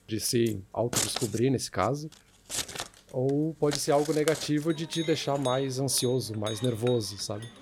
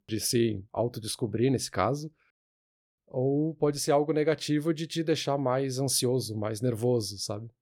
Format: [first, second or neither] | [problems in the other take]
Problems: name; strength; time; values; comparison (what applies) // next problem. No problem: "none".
second | household noises; loud; throughout; 8 dB below the speech